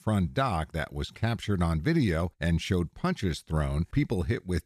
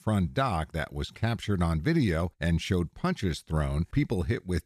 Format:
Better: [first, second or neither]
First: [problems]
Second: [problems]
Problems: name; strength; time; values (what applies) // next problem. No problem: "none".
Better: neither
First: none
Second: none